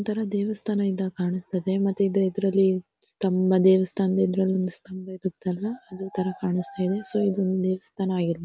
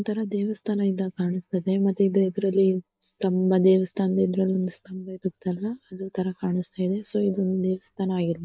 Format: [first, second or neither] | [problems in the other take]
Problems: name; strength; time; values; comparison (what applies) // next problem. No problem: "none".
first | noise reduction (neural mask model Resemble Enhance denoiser)